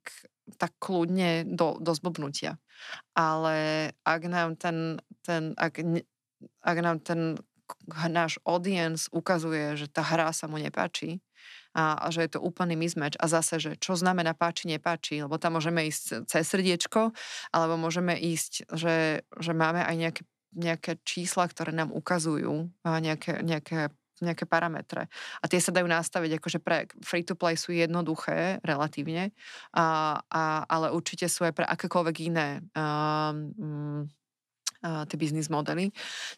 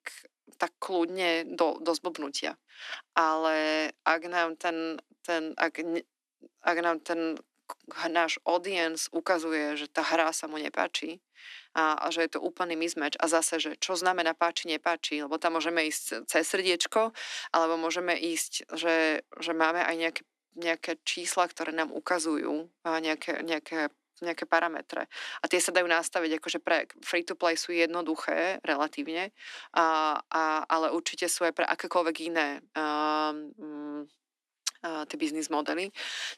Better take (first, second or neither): first